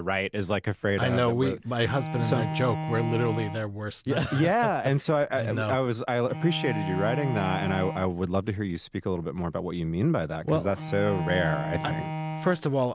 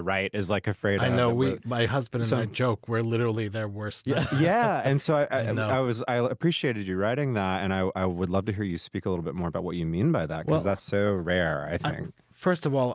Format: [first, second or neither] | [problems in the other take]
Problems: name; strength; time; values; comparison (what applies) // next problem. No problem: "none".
second | background sound (Bowed string instrument); 8 dB below the speech